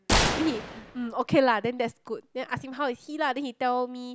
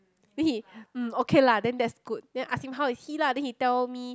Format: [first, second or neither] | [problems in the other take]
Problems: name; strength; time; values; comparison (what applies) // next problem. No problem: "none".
second | background sound (Gunshot, gunfire); 3 dB below the speech